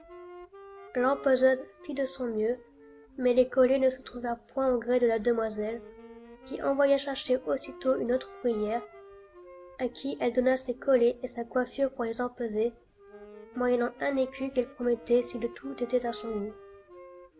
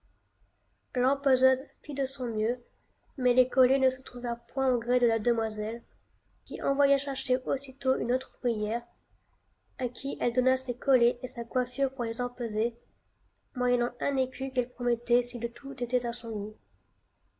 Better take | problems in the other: second | background sound (Wind instrument, woodwind instrument + Wind instrument, woodwind instrument); 19 dB below the speech

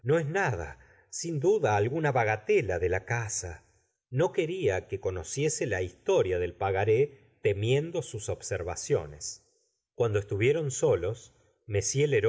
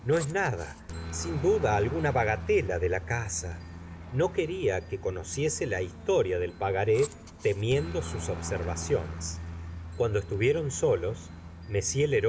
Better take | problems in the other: first | background sound (Aircraft); 11 dB below the speech

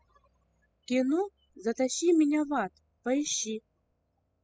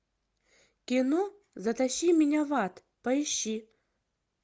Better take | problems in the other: second | noise reduction (classical method spectral subtraction)

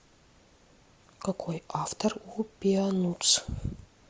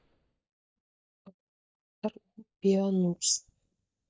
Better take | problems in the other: first | noise reduction (neural mask model DeepFilterNet 3)

